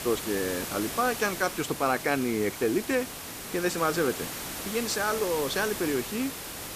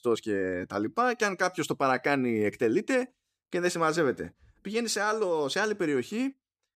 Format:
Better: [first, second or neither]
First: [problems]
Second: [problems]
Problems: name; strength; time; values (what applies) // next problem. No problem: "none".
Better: second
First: hiss; loud; throughout; 6 dB below the speech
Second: none